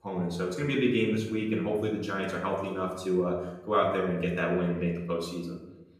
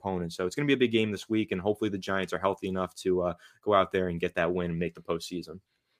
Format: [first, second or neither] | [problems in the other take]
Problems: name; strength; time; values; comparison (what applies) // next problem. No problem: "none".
second | off-mic speech; far // room echo; noticeable; dies away in 0.9 s